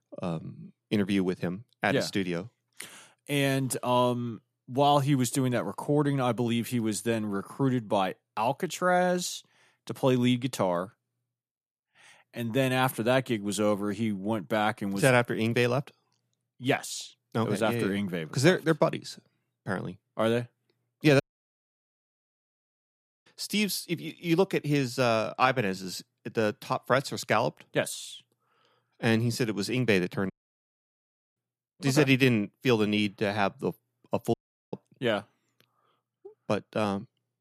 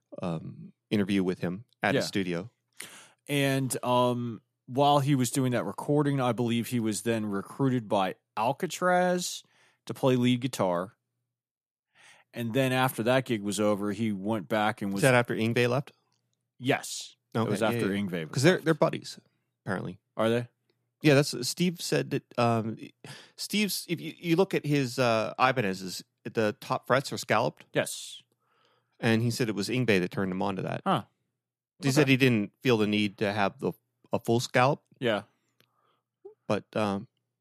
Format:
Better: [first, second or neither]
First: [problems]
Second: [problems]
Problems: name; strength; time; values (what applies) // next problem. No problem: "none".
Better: second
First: audio cutting out; at 21 s for 2 s, at 30 s for 1 s and at 34 s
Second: none